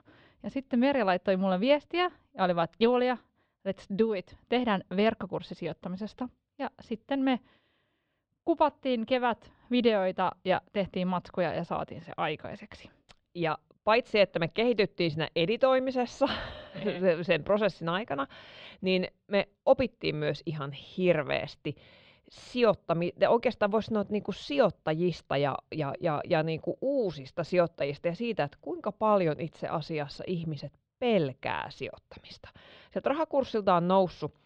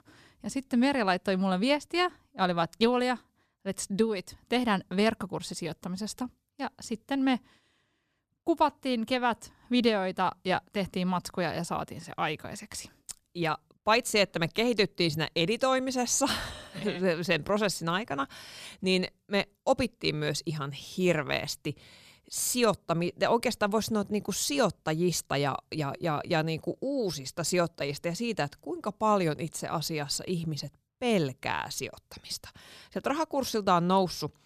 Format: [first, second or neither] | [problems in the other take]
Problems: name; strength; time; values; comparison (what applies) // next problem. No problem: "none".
second | muffled; slightly; fading above 3.5 kHz